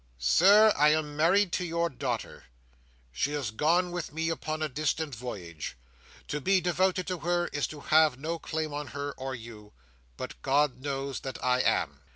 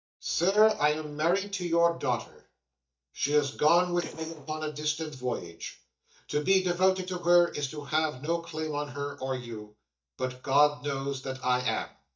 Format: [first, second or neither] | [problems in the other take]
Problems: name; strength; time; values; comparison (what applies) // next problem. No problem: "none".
first | noise reduction (neural mask model DeepFilterNet 3)